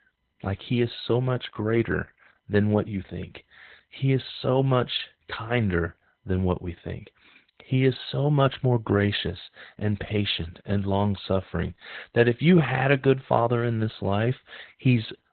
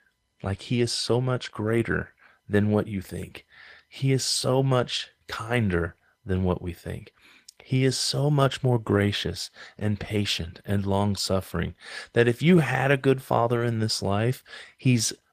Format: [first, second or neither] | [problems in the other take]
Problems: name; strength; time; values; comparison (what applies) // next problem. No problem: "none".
second | garbled, watery; badly; nothing above 4 kHz; slightly in the second